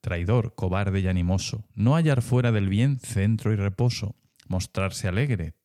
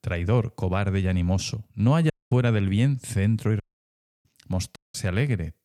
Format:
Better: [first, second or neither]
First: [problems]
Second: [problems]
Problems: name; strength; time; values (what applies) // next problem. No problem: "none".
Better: first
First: none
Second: audio cutting out; at 2 s, at 3.5 s for 0.5 s and at 5 s